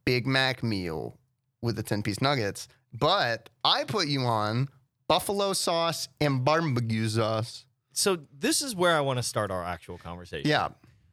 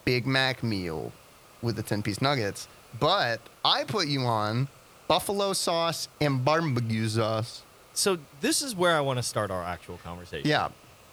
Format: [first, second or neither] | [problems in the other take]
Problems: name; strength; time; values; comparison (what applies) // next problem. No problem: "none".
first | hiss; faint; throughout; 25 dB below the speech